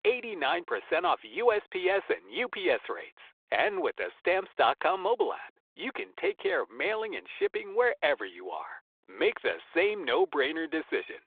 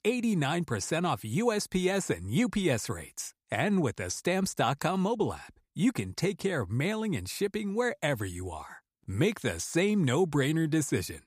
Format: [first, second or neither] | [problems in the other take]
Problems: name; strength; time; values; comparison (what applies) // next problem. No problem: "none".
second | phone-call audio; nothing above 3.5 kHz